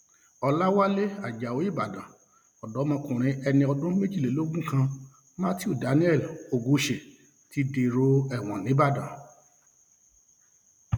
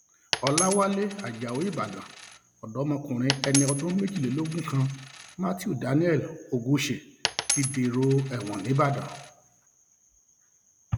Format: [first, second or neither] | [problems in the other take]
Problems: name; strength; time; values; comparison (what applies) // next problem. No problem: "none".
first | background sound (Coin (dropping)); 6 dB below the speech